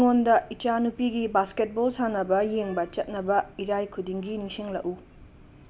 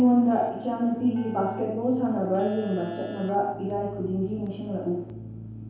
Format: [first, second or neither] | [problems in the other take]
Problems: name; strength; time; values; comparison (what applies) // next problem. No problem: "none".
first | background sound (Keyboard (musical)); 14 dB below the speech // room echo; dies away in 0.8 s